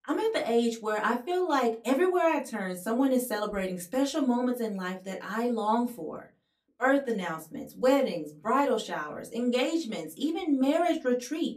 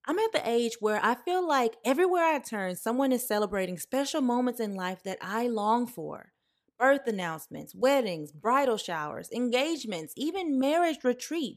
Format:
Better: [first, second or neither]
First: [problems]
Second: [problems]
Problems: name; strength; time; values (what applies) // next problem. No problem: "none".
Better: second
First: off-mic speech; far // room echo; very slight; dies away in 0.2 s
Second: none